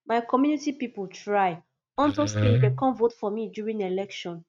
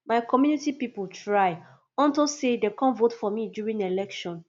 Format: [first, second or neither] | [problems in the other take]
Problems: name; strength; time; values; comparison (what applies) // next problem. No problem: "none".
second | noise reduction (neural mask model RNNoise)